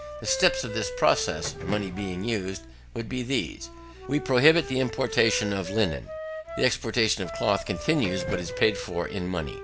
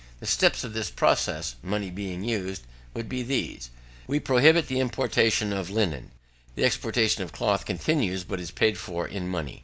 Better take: second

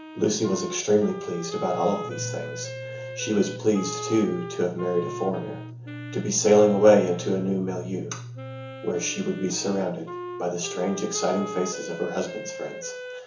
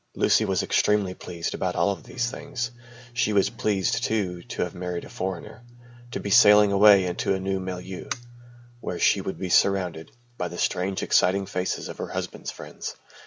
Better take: second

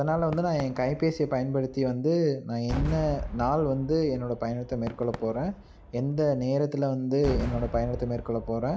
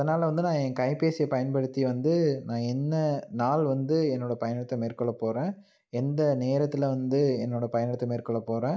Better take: second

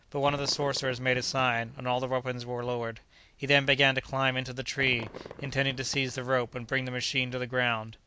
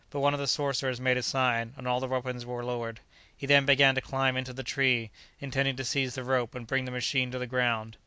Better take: second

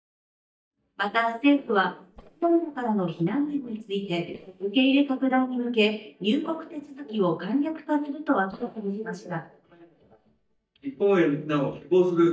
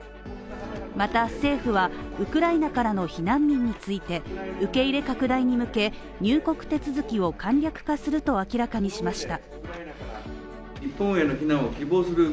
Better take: second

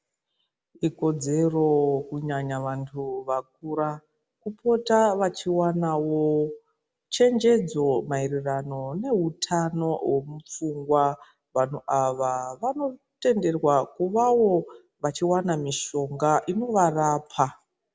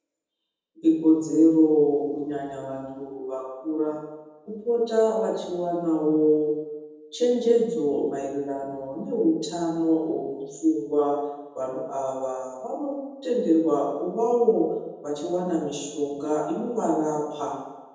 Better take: first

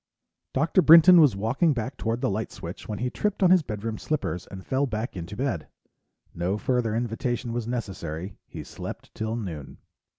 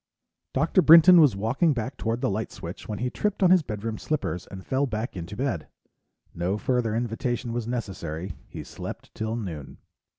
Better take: first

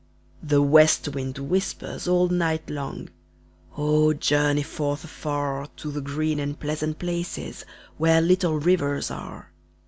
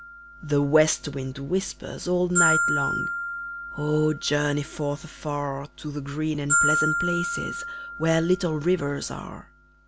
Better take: first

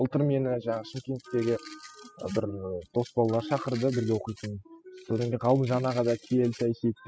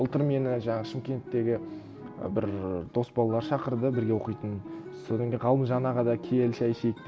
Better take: second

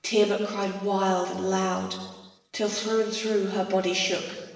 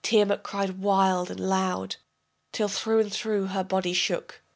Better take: second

